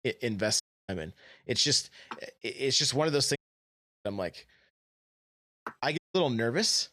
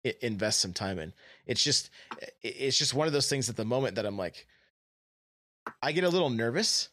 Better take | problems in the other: second | audio cutting out; at 0.5 s, at 3.5 s for 0.5 s and at 6 s

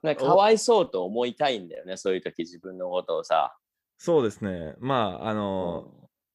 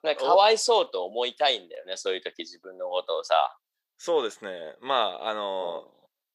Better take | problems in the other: first | thin; very; fading below 600 Hz

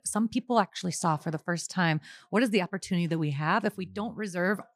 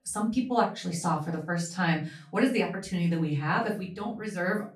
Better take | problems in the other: first | off-mic speech; far // room echo; slight; dies away in 0.3 s

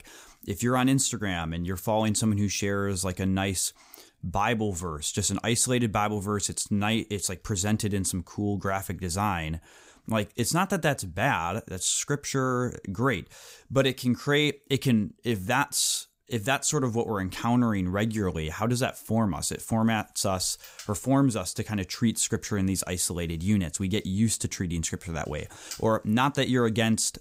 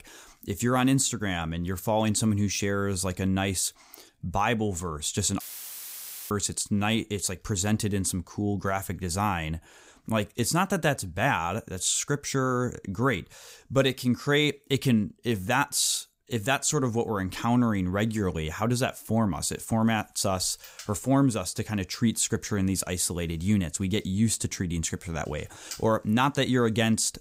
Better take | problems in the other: first | audio cutting out; filled with static; at 5.5 s for 1 s

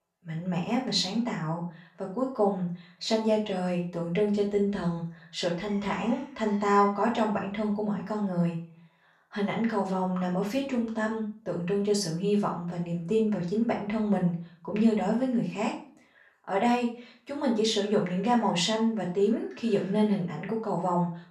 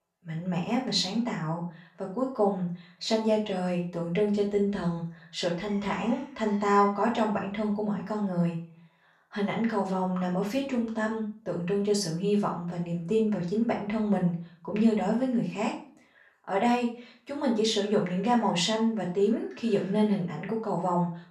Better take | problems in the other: neither | off-mic speech; far; the same in both // room echo; slight; dies away in 0.4 s; the same in both

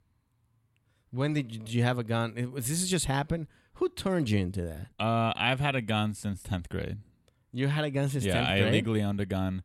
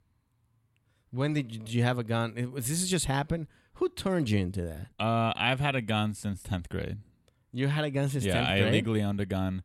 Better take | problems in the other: neither | none

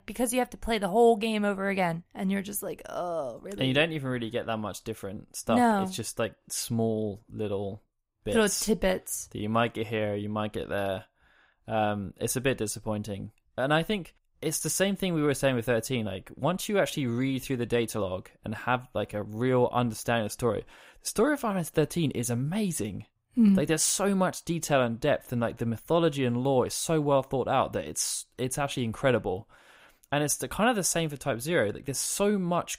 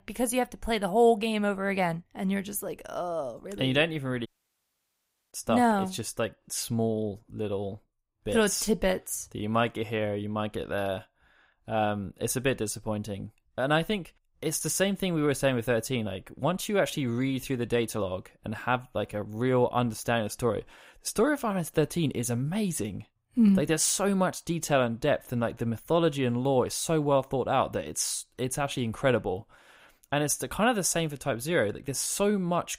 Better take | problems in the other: first | audio cutting out; at 4.5 s for 1 s

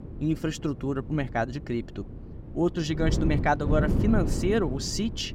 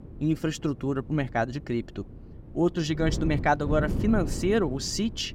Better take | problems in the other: second | wind noise on the microphone; heavy; 9 dB below the speech; occasional gusts in the second

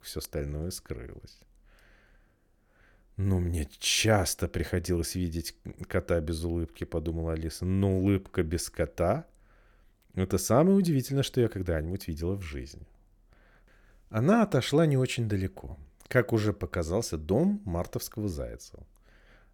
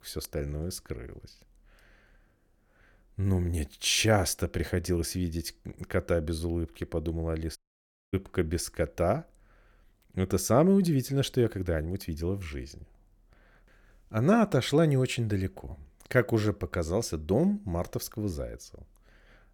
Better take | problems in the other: first | audio cutting out; at 7.5 s for 0.5 s

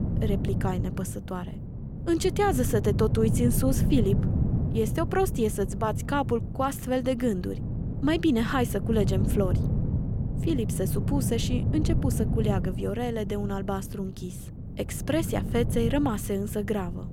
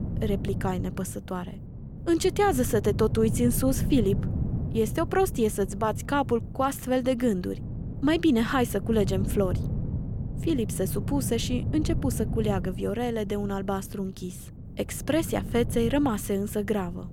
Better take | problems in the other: second | wind noise on the microphone; heavy; 10 dB below the speech; occasional gusts in the second

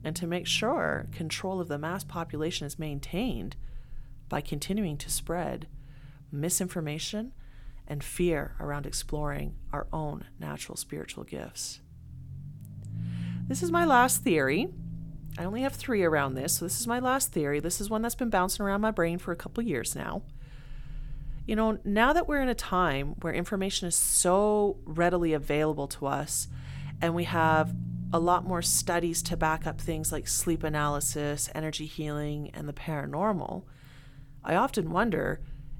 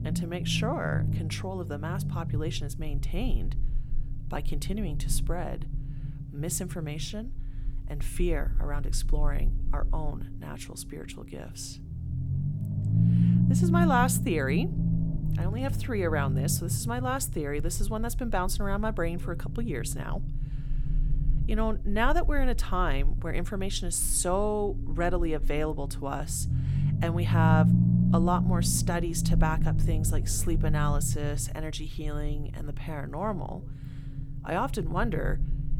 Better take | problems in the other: first | low rumble; loud; throughout; 8 dB below the speech; faint in the first

